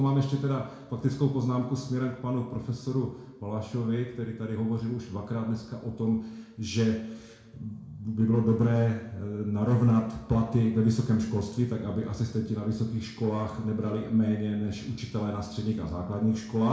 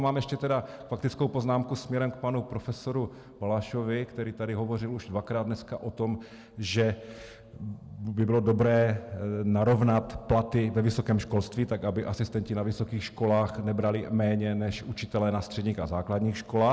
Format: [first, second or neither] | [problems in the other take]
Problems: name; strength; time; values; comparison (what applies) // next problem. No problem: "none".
second | room echo; dies away in 0.6 s